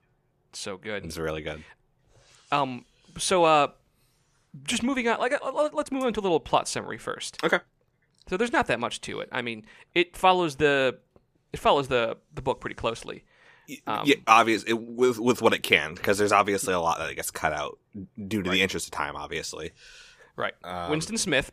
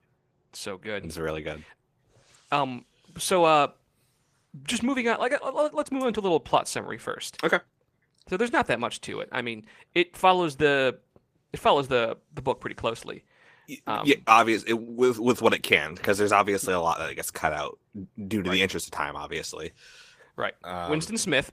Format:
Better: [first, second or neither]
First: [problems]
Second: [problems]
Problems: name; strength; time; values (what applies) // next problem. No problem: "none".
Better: first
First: none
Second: garbled, watery; slightly; nothing above 15 kHz